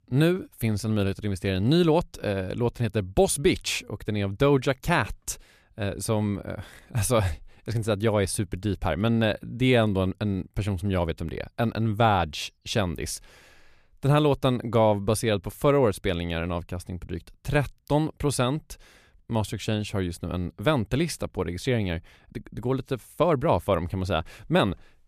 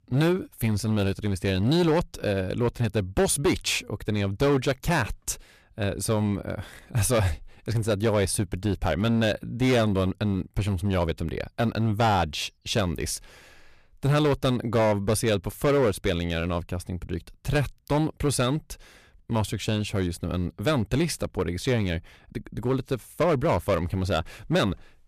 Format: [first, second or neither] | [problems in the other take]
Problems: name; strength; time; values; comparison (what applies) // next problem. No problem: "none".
first | distortion; slight; 7% of the sound clipped